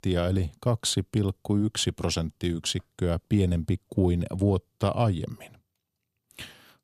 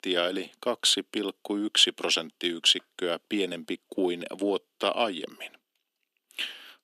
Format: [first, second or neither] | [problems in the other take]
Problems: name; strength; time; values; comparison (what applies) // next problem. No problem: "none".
first | thin; somewhat; fading below 250 Hz